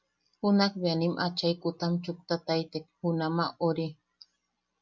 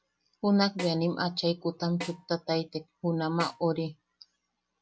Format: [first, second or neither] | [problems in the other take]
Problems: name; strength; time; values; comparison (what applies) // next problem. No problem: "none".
first | background sound (Snare drum); 15 dB below the speech